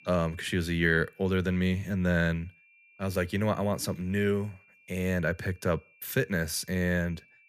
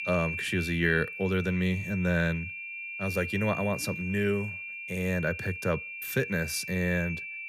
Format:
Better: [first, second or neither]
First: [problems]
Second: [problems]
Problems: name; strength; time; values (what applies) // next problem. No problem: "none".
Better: first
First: high-pitched whine; faint; throughout; 2.5 kHz, 30 dB below the speech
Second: high-pitched whine; loud; throughout; 2.5 kHz, 6 dB below the speech